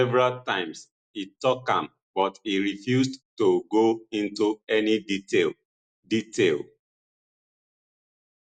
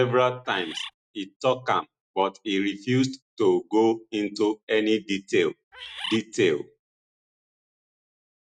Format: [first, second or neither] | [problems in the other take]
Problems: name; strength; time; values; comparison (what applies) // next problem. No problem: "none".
first | noise reduction (neural mask model RNNoise)